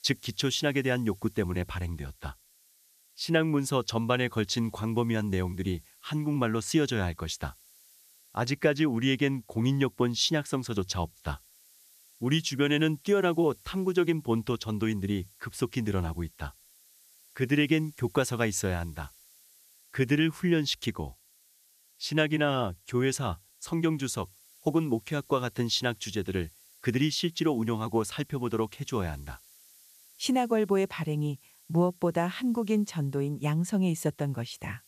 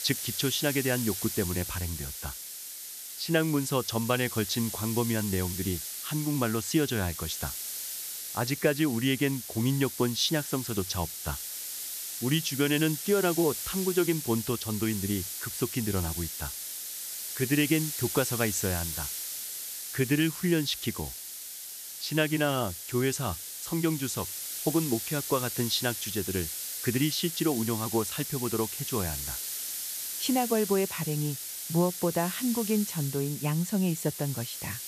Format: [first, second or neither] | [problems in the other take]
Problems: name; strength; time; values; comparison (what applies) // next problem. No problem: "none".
first | hiss; loud; throughout; 5 dB below the speech; faint in the first